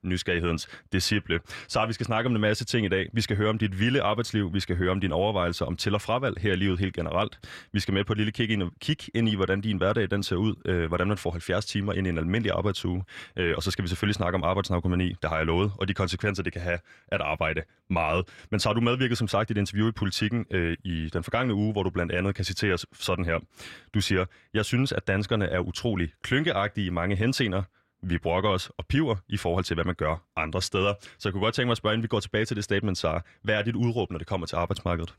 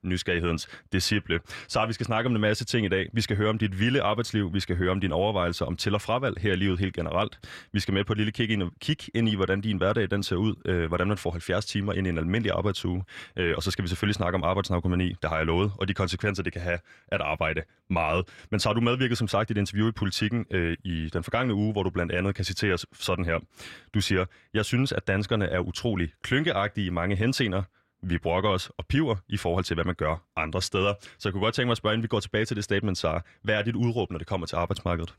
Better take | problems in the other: neither | none

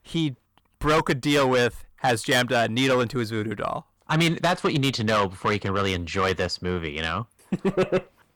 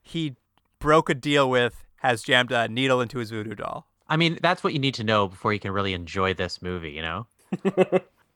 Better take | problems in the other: second | distortion; heavy; 7 dB below the speech

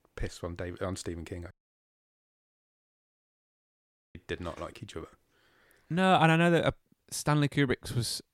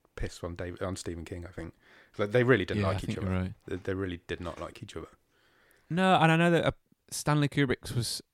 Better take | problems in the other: second | audio cutting out; at 1.5 s for 2.5 s

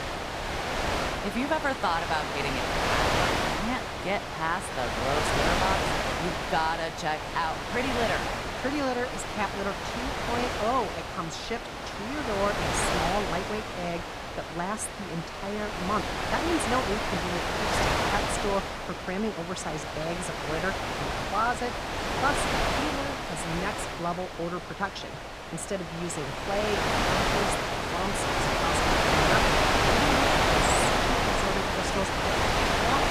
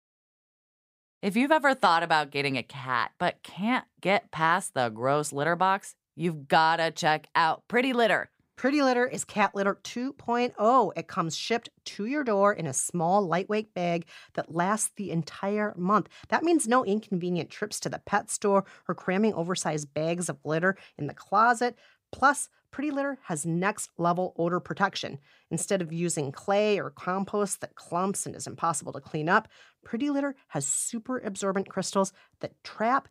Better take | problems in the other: second | wind noise on the microphone; heavy; 4 dB above the speech

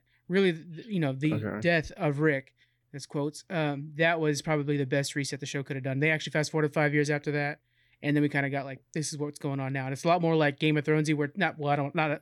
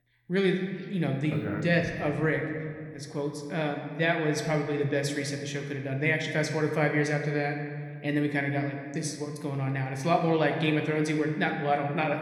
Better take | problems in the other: first | room echo; slight; dies away in 1.6 s

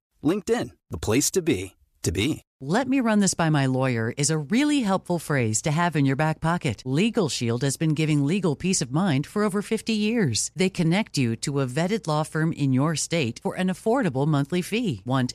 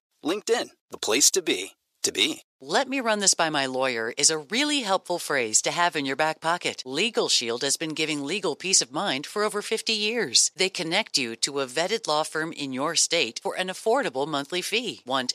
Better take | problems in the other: first | thin; somewhat; fading below 500 Hz

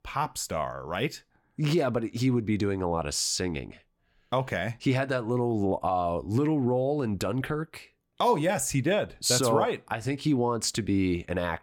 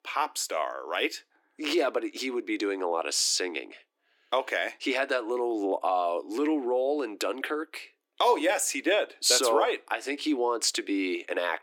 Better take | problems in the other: first | thin; somewhat; fading below 300 Hz

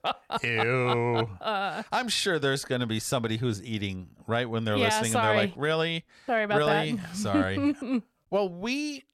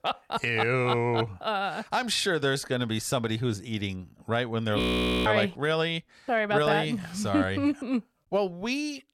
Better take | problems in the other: first | audio freezing; at 5 s

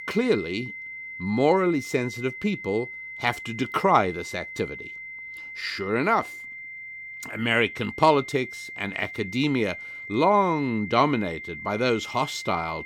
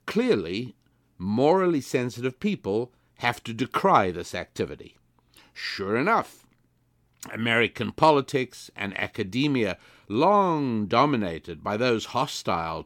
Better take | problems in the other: second | high-pitched whine; noticeable; throughout; 2 kHz, 10 dB below the speech

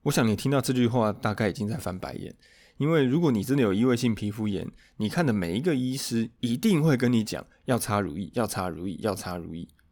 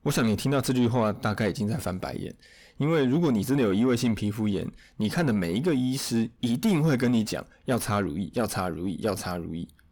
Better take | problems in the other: first | distortion; slight; 10 dB below the speech

